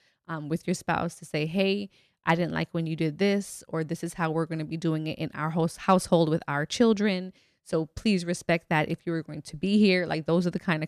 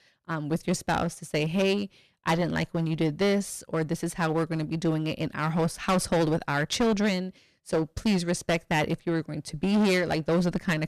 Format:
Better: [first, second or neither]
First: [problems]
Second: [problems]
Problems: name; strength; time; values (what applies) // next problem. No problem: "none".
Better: first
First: none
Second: distortion; heavy; 12% of the sound clipped